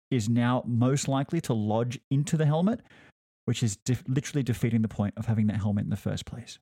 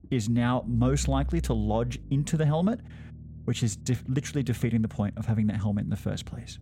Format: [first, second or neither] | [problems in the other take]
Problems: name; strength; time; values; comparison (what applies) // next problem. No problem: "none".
first | low rumble; faint; throughout; 20 dB below the speech